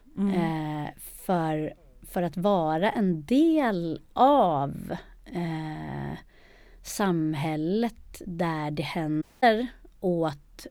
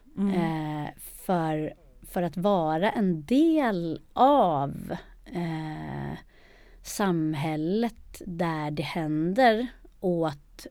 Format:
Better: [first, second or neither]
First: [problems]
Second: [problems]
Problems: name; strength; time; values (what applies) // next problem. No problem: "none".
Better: second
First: audio cutting out; at 9 s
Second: none